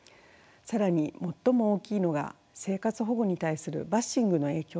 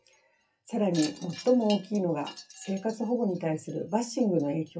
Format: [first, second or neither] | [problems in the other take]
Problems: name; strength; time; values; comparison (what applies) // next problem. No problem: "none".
first | noise reduction (classical method WPE with log-MMSE)